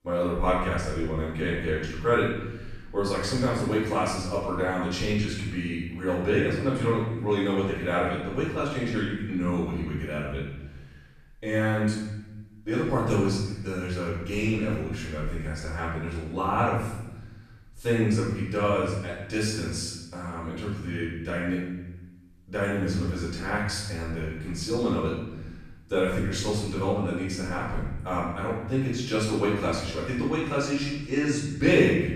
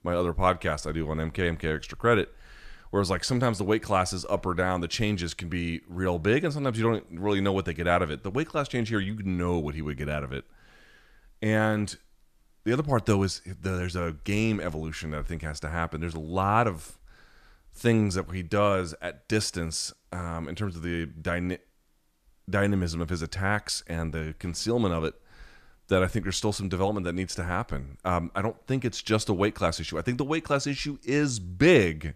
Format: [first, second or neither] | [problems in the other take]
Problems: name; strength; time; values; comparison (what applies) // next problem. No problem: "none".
second | off-mic speech; far // room echo; noticeable; dies away in 1 s